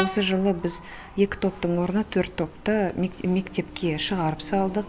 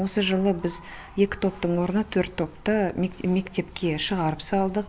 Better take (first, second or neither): second